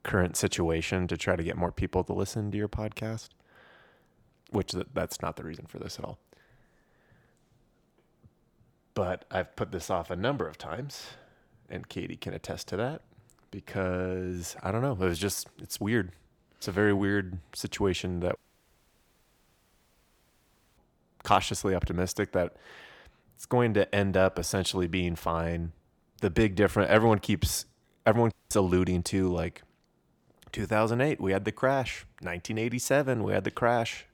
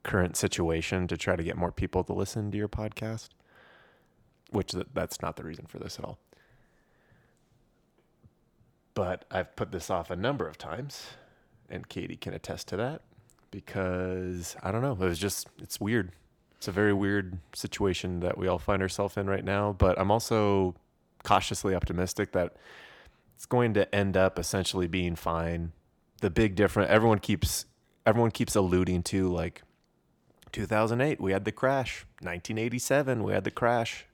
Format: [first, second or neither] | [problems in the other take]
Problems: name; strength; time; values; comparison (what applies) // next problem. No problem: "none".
second | audio cutting out; at 18 s for 2.5 s and at 28 s